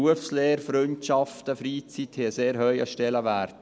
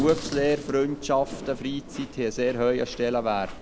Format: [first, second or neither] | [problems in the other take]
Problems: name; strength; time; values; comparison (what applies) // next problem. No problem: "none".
first | background sound (Chewing, mastication + Thunder / Rain); 13 dB below the speech